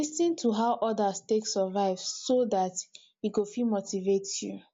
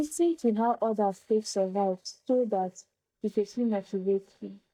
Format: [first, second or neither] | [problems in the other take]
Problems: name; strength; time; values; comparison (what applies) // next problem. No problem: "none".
first | noise reduction (neural mask model DeepFilterNet 3)